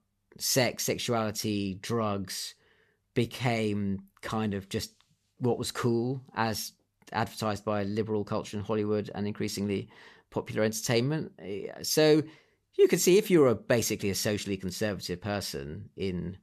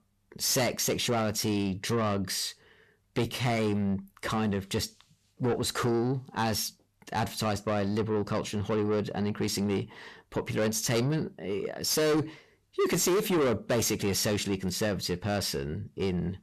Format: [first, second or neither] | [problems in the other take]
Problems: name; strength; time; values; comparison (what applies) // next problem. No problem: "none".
first | distortion; heavy; 7 dB below the speech